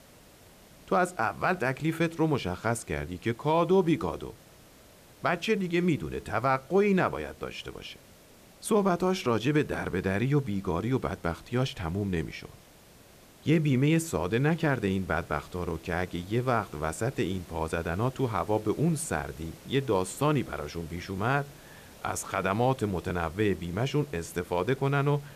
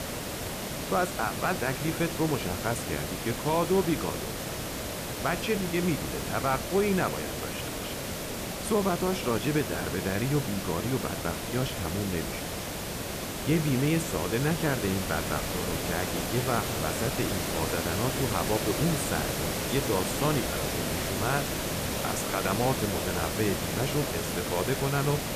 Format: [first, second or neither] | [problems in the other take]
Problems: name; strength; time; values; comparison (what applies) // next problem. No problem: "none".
first | hiss; loud; throughout; 1 dB below the speech; faint in the first